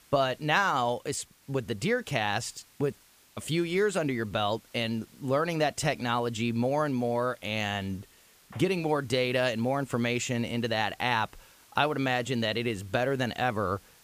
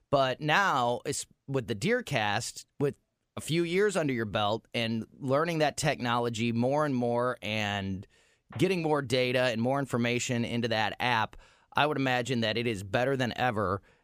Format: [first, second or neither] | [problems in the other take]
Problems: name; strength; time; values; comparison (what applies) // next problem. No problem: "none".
second | hiss; faint; throughout; 30 dB below the speech